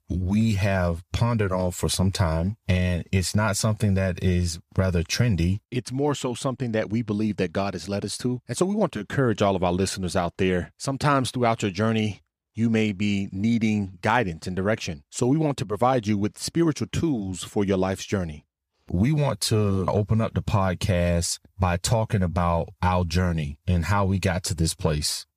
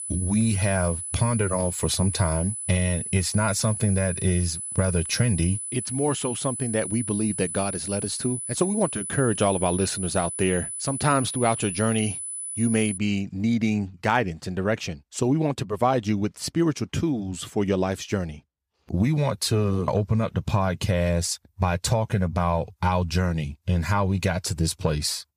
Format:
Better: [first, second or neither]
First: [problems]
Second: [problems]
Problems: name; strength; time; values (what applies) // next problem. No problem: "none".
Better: first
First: none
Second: high-pitched whine; loud; until 13 s; 10 kHz, 5 dB below the speech